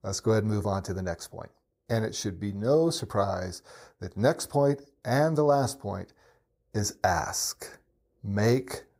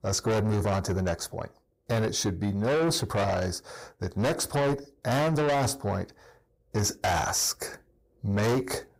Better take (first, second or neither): first